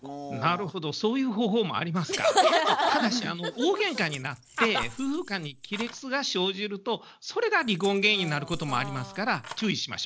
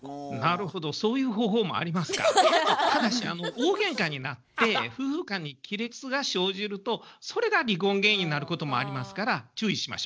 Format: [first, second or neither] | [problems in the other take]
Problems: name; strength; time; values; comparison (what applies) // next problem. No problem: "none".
second | background sound (Keys jangling); 17 dB below the speech